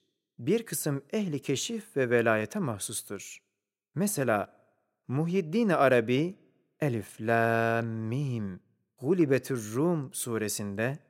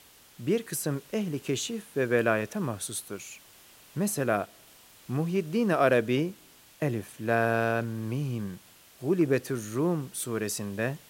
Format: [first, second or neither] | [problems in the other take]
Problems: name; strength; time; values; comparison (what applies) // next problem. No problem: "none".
first | hiss; faint; throughout; 25 dB below the speech